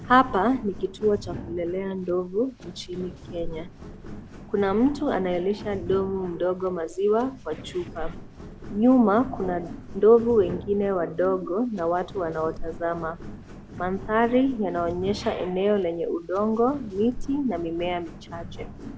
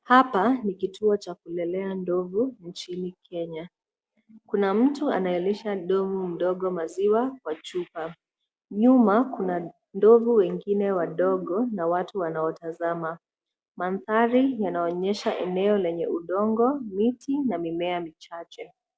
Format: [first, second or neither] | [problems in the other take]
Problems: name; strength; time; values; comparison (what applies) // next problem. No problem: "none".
second | background sound (Walk, footsteps); 13 dB below the speech